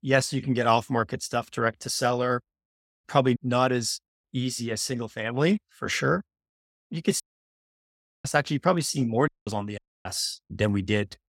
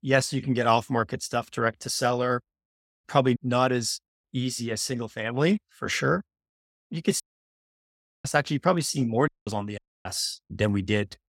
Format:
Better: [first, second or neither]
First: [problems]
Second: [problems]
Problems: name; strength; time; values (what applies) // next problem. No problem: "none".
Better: neither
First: audio cutting out; at 7 s for 1 s, at 9.5 s and at 10 s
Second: audio cutting out; at 7 s for 1 s, at 9.5 s and at 10 s